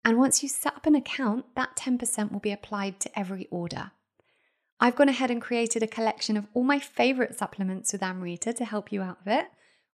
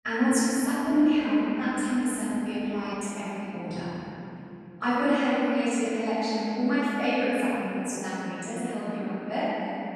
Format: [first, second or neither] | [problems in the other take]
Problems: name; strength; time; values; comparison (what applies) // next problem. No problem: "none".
first | off-mic speech; far // room echo; strong; dies away in 3 s